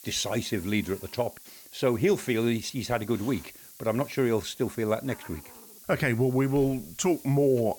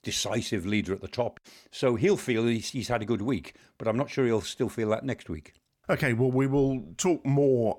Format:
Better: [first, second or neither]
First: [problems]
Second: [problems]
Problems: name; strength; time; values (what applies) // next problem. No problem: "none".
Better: second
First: hiss; noticeable; throughout; 20 dB below the speech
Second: none